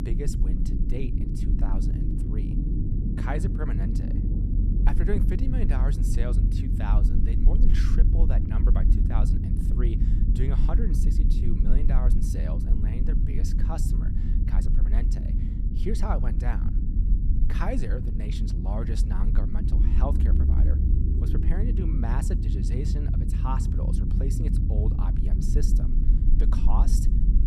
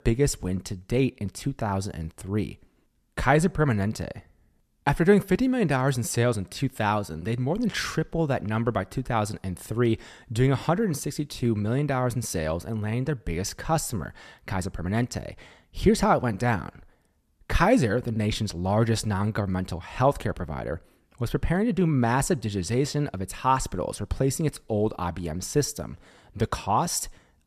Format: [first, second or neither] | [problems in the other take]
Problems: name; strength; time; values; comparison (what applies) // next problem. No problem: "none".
second | low rumble; loud; throughout; 1 dB below the speech